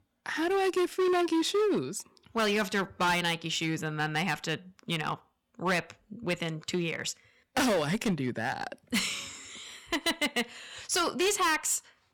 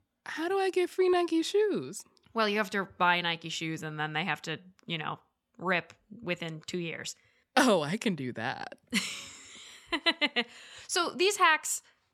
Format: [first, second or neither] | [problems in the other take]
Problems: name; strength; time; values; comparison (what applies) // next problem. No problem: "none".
second | distortion; heavy; 11% of the sound clipped